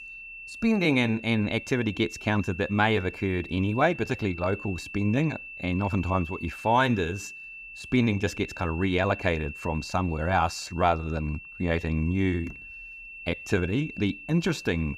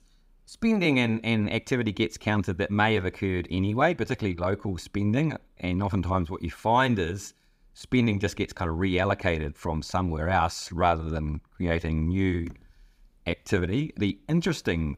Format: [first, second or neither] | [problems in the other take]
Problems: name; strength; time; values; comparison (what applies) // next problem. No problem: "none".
second | high-pitched whine; noticeable; throughout; 2.5 kHz, 15 dB below the speech